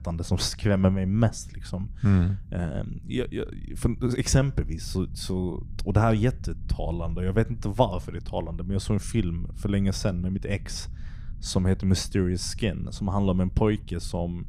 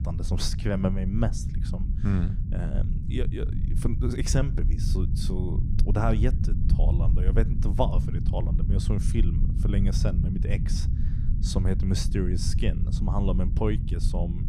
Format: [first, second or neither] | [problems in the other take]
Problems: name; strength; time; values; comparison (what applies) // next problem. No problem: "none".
first | low rumble; loud; throughout; 7 dB below the speech; faint in the first